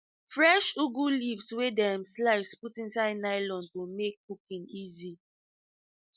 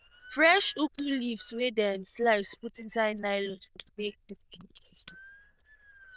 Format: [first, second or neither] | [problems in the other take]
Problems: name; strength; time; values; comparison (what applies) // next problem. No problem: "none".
first | noise reduction (neural diffusion model UNIVERSE++)